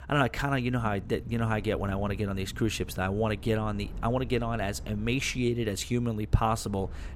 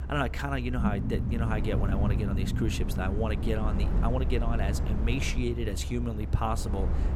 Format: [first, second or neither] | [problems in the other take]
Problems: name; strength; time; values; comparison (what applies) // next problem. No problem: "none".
first | low rumble; loud; throughout; 7 dB below the speech; faint in the first